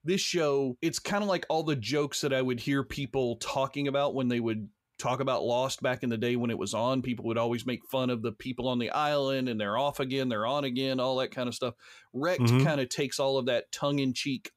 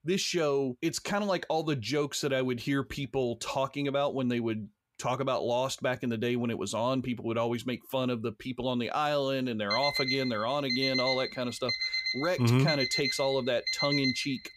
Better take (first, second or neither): first